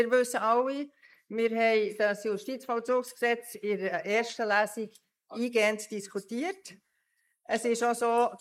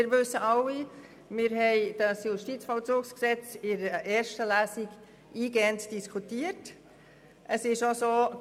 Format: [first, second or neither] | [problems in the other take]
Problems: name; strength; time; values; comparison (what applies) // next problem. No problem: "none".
second | noise reduction (neural mask model Resemble Enhance denoiser)